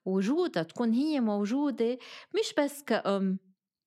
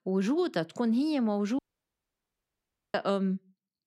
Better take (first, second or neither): first